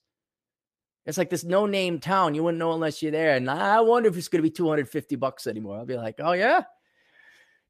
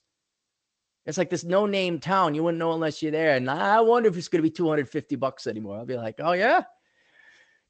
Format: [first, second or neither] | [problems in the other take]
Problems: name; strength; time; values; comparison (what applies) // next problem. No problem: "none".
first | garbled, watery; slightly; nothing above 7.5 kHz